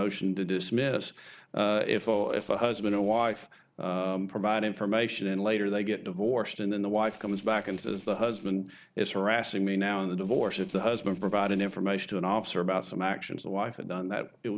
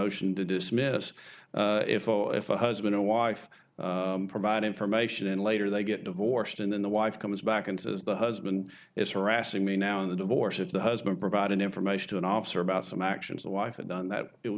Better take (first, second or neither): second